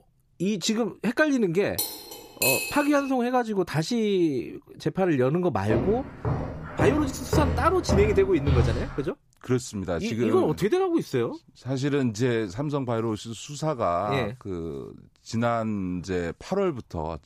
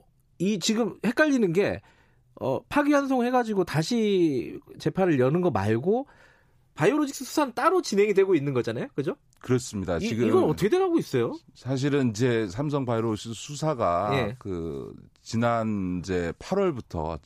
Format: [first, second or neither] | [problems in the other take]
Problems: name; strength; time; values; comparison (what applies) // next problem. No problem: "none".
second | clattering dishes; loud; from 2 to 3 s; peak 3 dB above the speech // footsteps; loud; from 5.5 to 9 s; peak 2 dB above the speech